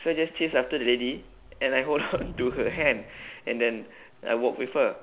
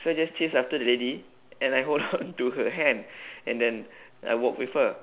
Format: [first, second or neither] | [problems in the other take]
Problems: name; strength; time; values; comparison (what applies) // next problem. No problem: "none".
second | background sound (Thunder / Rain); 20 dB below the speech